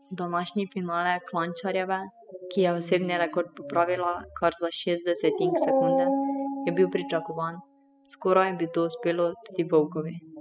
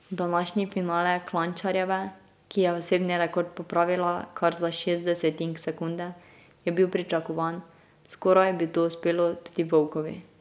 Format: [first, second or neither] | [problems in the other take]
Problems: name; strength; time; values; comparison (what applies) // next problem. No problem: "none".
second | noise reduction (classical method spectral subtraction)